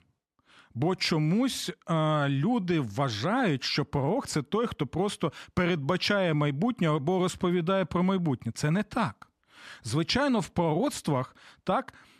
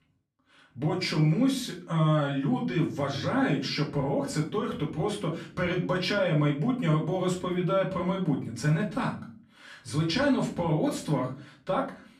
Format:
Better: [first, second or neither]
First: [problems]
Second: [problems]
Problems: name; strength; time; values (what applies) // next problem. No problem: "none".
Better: first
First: none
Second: off-mic speech; far // room echo; slight; dies away in 0.3 s